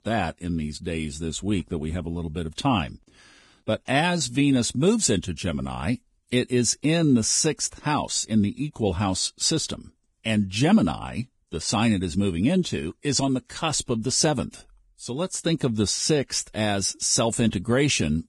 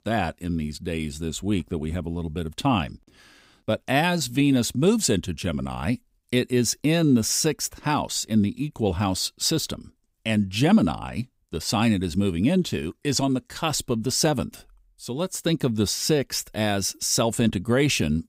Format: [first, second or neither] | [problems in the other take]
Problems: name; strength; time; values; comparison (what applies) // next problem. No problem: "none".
second | garbled, watery; badly